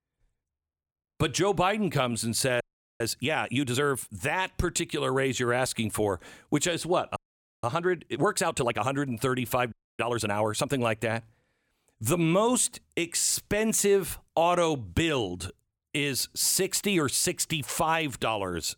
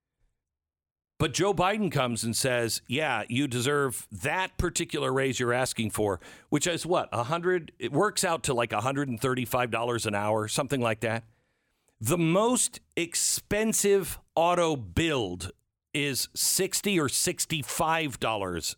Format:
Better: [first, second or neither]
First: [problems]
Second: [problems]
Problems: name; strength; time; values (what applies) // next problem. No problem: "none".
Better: second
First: audio freezing; at 2.5 s, at 7 s and at 9.5 s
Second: none